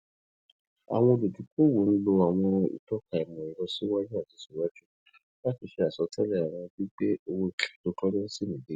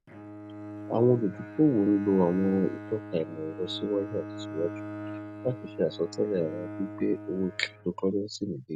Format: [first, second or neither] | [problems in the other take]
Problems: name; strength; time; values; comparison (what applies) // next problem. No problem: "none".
first | background sound (Bowed string instrument); 12 dB below the speech